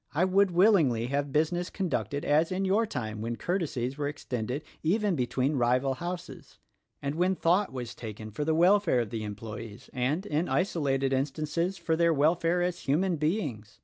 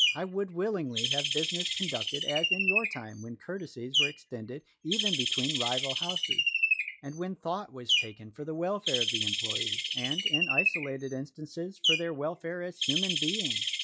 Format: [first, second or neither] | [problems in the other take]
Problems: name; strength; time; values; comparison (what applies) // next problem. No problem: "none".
first | noise reduction (classical method log-MMSE)